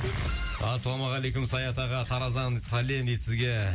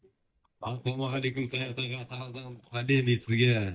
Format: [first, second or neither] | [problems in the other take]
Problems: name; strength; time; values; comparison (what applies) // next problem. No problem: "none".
first | noise reduction (neural mask model DeepFilterNet 3)